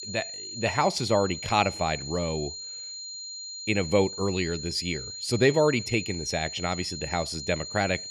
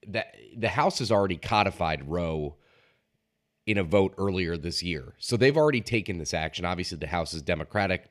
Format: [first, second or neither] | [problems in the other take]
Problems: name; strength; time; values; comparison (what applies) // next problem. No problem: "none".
second | high-pitched whine; loud; throughout; 4 kHz, 8 dB below the speech